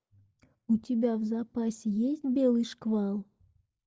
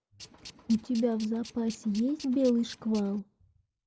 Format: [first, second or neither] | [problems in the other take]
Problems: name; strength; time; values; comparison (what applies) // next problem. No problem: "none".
first | background sound (Tools); 19 dB below the speech